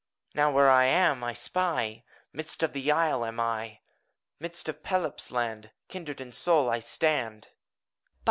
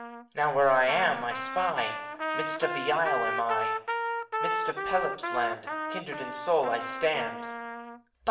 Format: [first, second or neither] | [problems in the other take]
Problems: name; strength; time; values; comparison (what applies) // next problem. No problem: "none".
first | background sound (Trumpet); 4 dB below the speech // room echo; dies away in 0.9 s